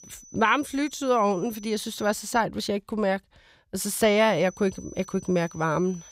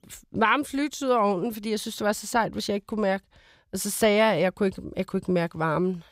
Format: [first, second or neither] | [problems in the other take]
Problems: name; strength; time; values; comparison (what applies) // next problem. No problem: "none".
second | high-pitched whine; faint; until 2.5 s and from 4 s on; 6 kHz, 20 dB below the speech